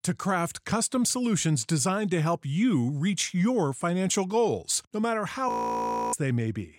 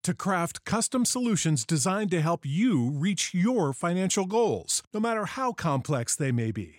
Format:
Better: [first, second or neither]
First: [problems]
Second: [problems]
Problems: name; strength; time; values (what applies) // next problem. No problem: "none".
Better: second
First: audio freezing; at 5.5 s for 0.5 s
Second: none